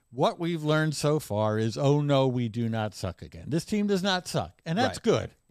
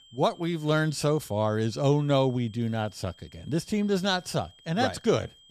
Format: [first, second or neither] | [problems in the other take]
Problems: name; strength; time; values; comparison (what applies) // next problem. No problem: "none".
first | high-pitched whine; faint; throughout; 3 kHz, 25 dB below the speech